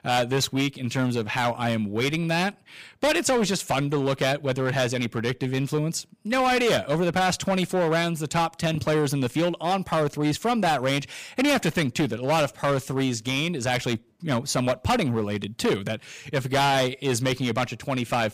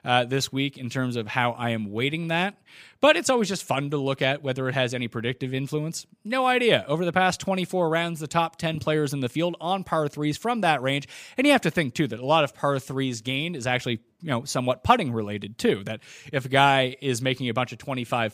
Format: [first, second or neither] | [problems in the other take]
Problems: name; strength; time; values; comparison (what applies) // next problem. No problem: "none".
second | distortion; heavy; 12% of the sound clipped